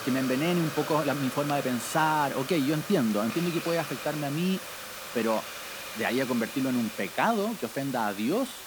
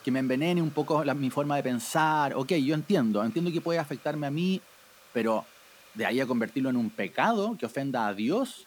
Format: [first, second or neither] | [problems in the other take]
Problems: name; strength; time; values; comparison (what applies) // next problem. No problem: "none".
second | hiss; loud; throughout; 8 dB below the speech; faint in the second